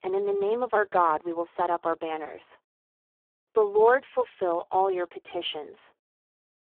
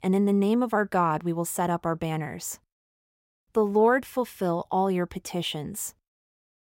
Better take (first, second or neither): second